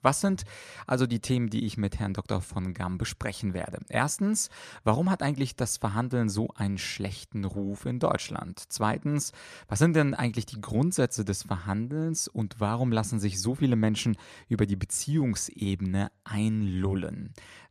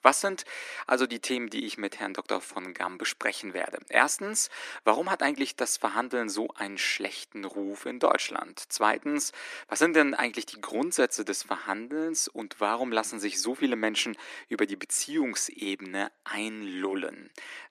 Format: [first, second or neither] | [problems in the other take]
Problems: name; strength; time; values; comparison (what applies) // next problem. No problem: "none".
first | thin; somewhat; fading below 300 Hz